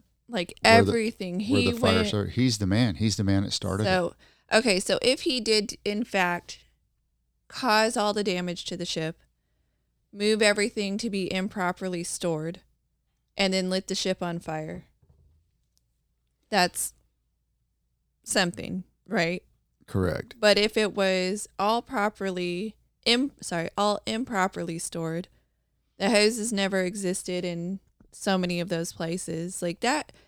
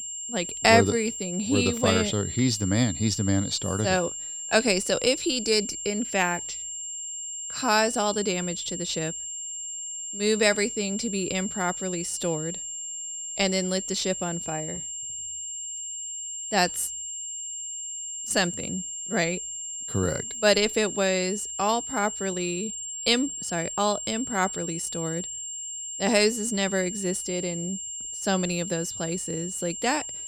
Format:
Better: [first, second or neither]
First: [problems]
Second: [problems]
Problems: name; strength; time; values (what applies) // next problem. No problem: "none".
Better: first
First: none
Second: high-pitched whine; loud; throughout; 7.5 kHz, 6 dB below the speech